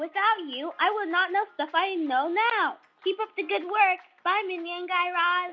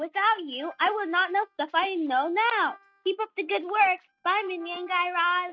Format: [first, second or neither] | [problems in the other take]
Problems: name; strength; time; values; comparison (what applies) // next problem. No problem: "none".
first | noise reduction (neural mask model RNNoise)